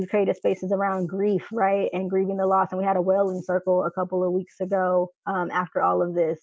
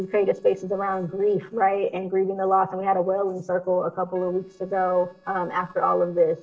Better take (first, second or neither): first